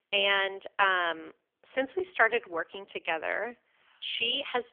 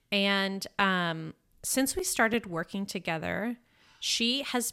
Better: second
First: phone-call audio; poor line; nothing above 3.5 kHz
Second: none

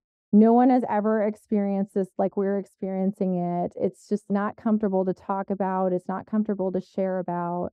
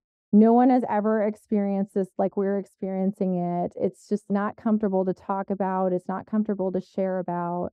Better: neither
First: muffled; very; fading above 1.5 kHz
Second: muffled; very; fading above 1.5 kHz

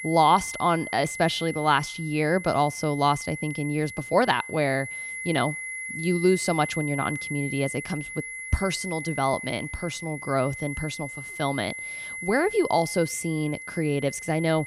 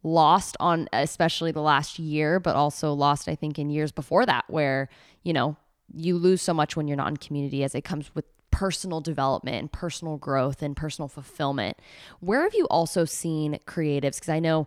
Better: second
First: high-pitched whine; loud; throughout; 2 kHz, 8 dB below the speech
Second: none

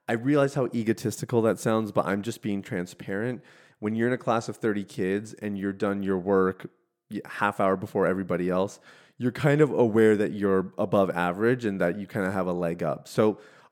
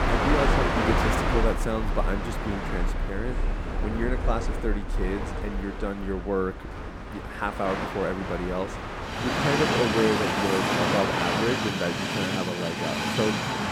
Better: first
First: none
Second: train or aircraft noise; very loud; throughout; 2 dB above the speech

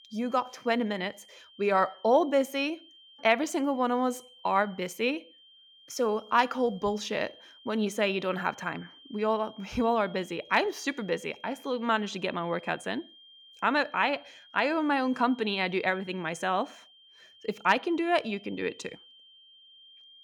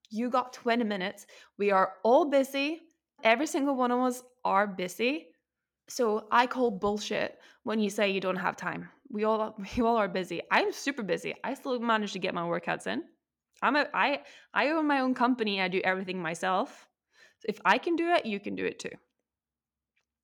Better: second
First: high-pitched whine; faint; throughout; 3 kHz, 25 dB below the speech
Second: none

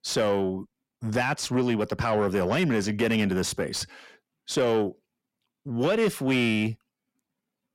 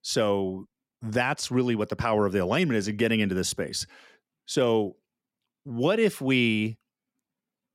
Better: second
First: distortion; slight; 10 dB below the speech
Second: none

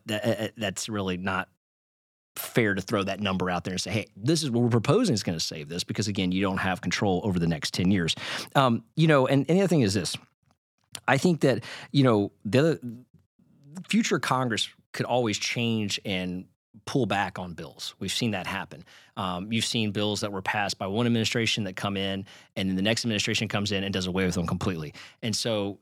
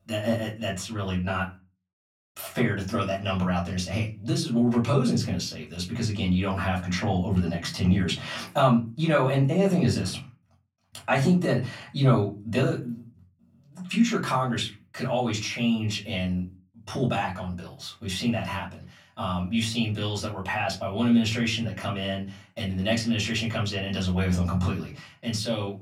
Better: first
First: none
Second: off-mic speech; far // room echo; very slight; dies away in 0.3 s

